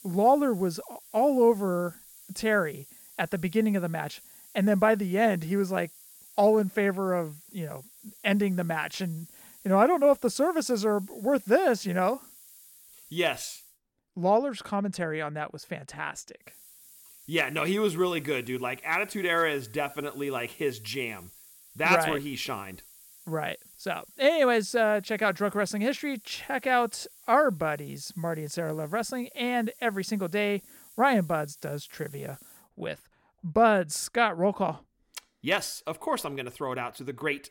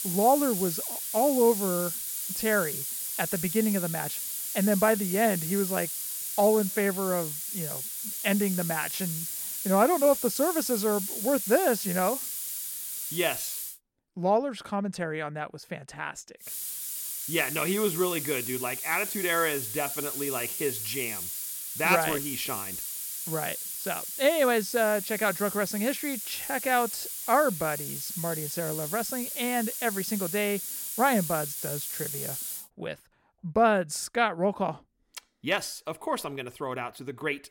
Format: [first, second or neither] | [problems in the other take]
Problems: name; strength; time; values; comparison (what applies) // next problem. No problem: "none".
first | hiss; loud; until 14 s and from 16 to 33 s; 3 dB below the speech; faint in the first